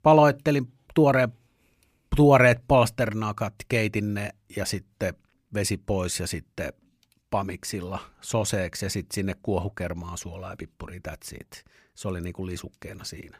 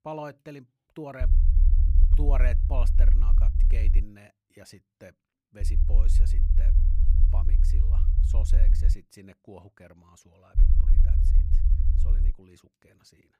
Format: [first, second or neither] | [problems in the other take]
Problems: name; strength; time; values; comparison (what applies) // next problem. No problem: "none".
first | low rumble; loud; from 1 to 4 s, from 5.5 to 9 s and from 11 to 12 s; 4 dB below the speech